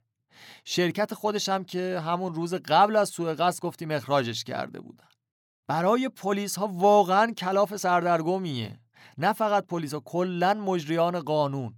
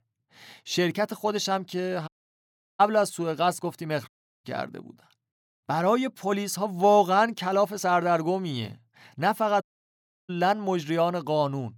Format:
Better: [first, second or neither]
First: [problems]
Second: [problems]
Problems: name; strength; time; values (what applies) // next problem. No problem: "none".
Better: first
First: none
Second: audio cutting out; at 2 s for 0.5 s, at 4 s and at 9.5 s for 0.5 s